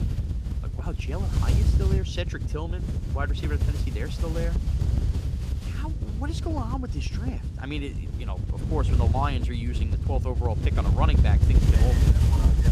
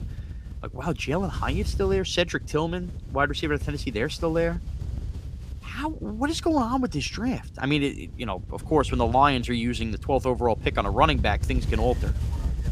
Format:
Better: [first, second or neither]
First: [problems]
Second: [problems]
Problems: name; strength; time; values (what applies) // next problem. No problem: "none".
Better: second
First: wind noise on the microphone; heavy; 4 dB below the speech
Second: wind noise on the microphone; occasional gusts; 20 dB below the speech